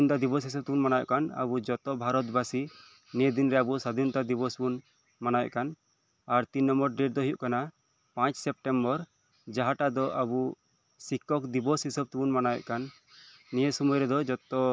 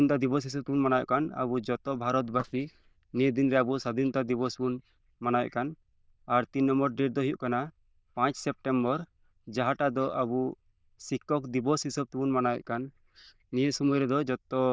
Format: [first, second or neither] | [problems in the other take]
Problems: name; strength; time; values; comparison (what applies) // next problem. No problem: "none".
first | noise reduction (neural diffusion model UNIVERSE++)